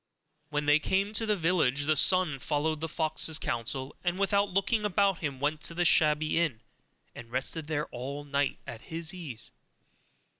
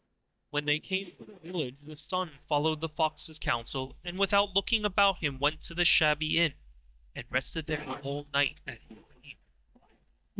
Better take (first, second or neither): first